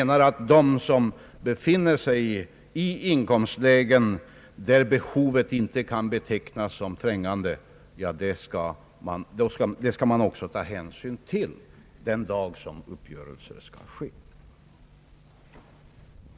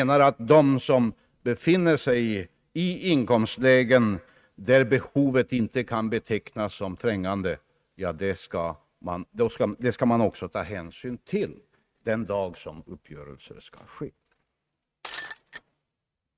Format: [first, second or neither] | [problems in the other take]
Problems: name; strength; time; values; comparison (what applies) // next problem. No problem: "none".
first | noise reduction (neural mask model RNNoise)